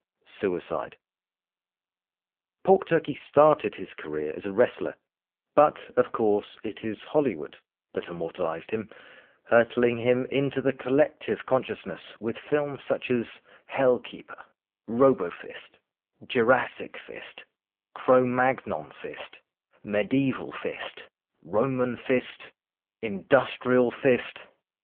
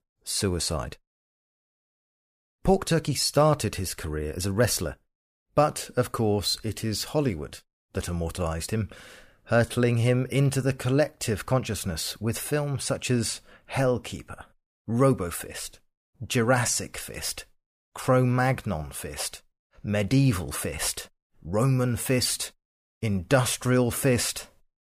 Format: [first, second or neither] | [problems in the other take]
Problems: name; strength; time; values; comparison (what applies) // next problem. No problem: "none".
second | phone-call audio; poor line